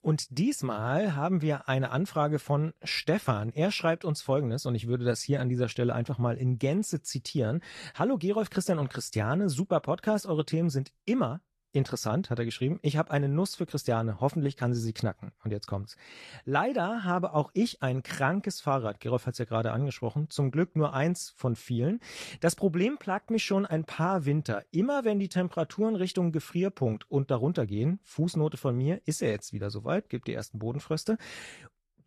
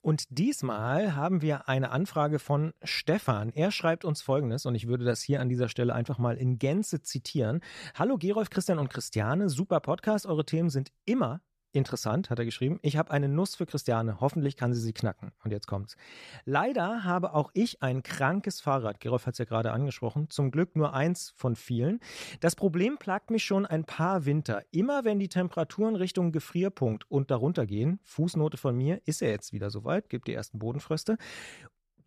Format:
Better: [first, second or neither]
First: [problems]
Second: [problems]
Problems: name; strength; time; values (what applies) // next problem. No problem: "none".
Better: second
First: garbled, watery; slightly; nothing above 13 kHz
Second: none